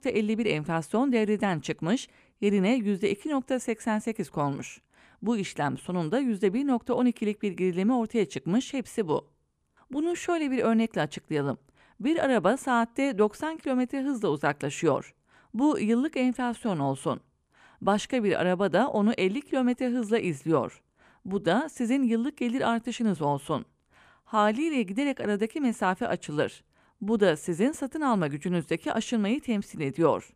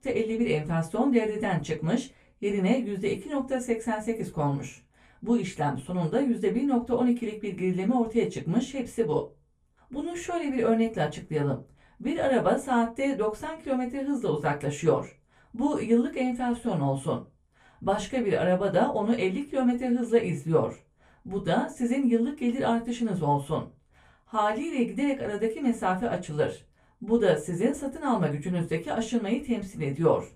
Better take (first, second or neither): first